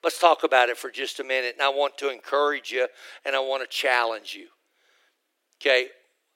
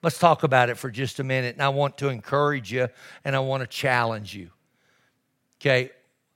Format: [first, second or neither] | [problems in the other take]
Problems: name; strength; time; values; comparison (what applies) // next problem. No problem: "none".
second | thin; very; fading below 300 Hz